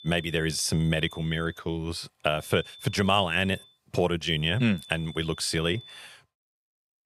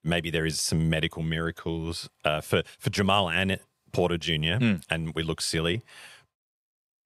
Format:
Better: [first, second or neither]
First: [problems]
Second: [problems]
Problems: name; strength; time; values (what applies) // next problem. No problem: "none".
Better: second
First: high-pitched whine; noticeable; until 1.5 s, from 2.5 to 3.5 s and from 4.5 to 6 s; 3.5 kHz, 20 dB below the speech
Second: none